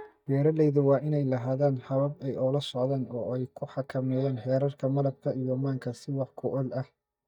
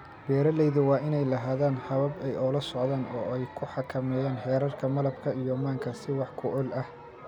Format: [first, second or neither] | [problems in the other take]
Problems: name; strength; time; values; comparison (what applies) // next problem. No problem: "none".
second | noise reduction (neural mask model DeepFilterNet 3)